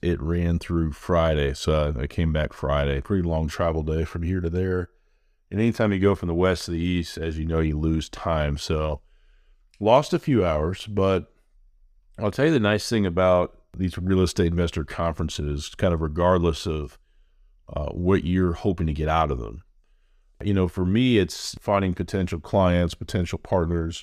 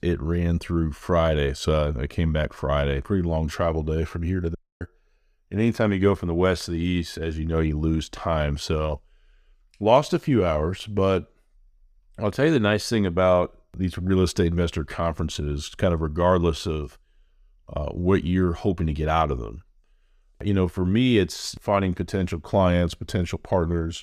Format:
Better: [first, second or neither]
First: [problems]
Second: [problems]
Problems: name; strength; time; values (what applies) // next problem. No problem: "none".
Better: first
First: none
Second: audio cutting out; at 4.5 s